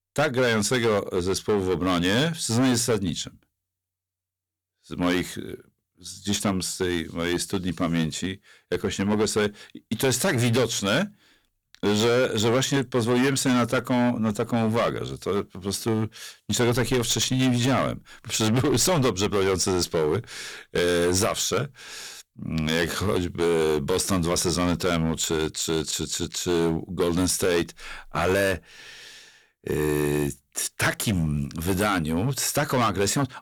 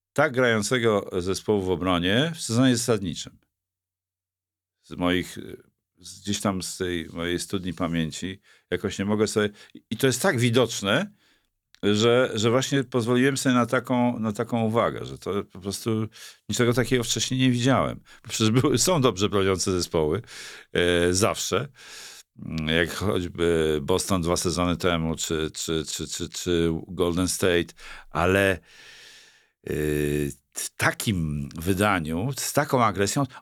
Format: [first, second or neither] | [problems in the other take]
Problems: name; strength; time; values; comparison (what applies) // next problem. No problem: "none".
second | distortion; heavy; 10% of the sound clipped